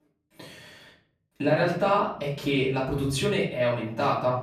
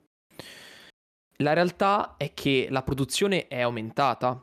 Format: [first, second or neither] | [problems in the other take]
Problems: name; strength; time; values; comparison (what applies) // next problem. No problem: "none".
second | off-mic speech; far // room echo; noticeable; dies away in 0.7 s